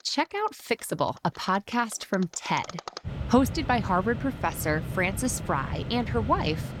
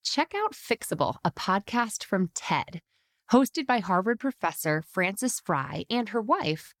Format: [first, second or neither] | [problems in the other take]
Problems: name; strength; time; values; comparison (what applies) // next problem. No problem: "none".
second | machinery noise; loud; throughout; 8 dB below the speech